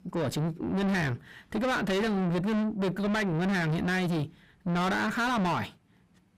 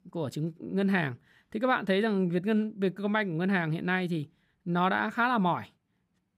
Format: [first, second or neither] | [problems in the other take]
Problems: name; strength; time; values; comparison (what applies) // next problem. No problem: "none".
second | distortion; heavy; 5 dB below the speech